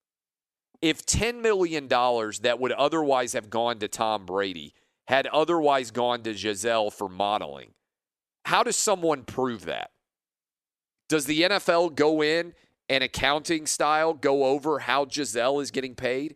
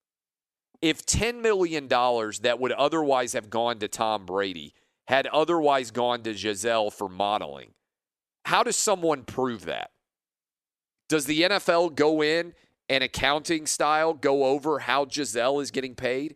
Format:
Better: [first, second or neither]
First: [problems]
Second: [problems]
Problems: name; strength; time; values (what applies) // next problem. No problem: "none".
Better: neither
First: none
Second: none